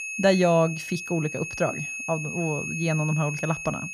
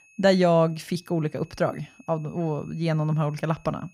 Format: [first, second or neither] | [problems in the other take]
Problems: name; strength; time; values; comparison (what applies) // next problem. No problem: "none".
second | high-pitched whine; loud; throughout; 2.5 kHz, 6 dB below the speech; faint in the second